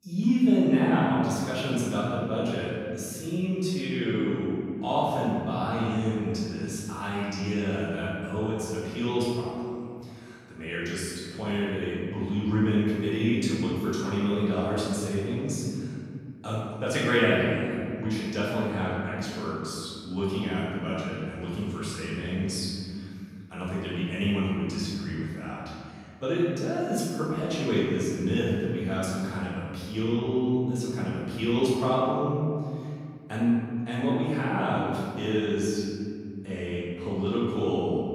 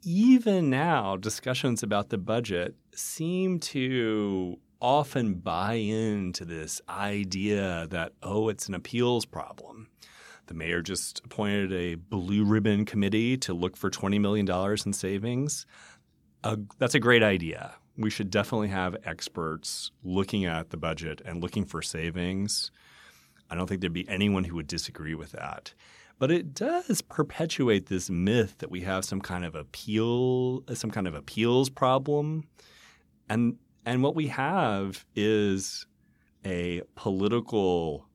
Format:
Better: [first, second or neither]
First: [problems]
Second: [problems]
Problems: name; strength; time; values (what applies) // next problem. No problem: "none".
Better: second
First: room echo; strong; dies away in 2.3 s // off-mic speech; far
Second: none